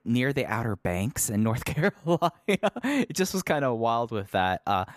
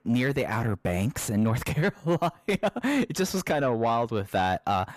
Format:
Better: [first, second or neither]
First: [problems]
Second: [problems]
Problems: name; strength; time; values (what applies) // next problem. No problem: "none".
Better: first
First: none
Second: distortion; slight; 10 dB below the speech